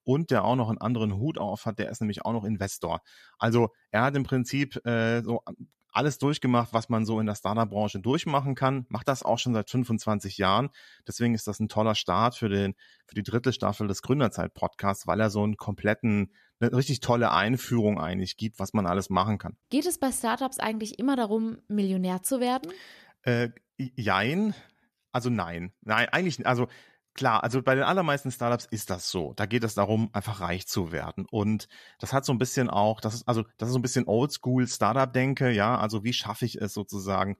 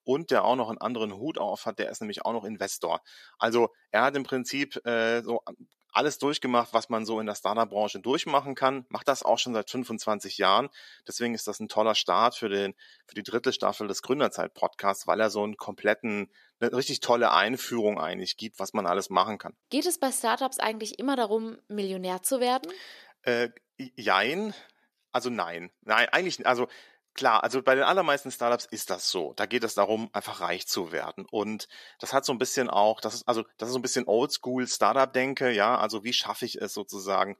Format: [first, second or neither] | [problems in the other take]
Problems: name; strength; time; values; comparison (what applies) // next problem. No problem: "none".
first | thin; somewhat; fading below 400 Hz